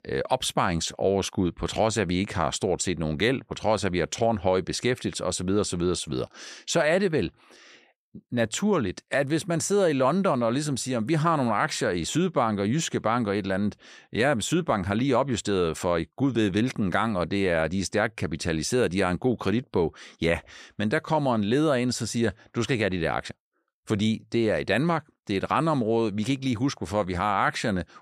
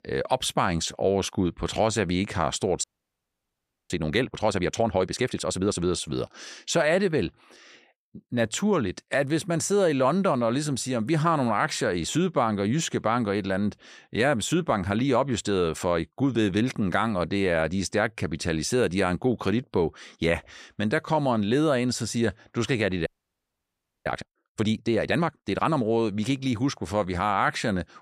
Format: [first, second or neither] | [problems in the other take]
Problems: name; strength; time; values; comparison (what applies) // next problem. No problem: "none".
first | audio freezing; at 3 s for 1 s and at 23 s for 1 s